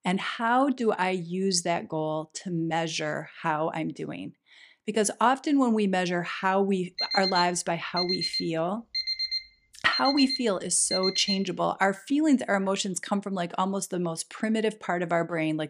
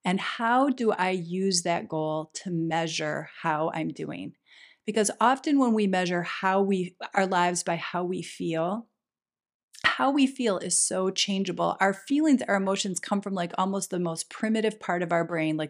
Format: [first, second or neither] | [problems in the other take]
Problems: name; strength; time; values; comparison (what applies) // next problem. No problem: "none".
second | alarm; loud; from 7 to 11 s; peak level with the speech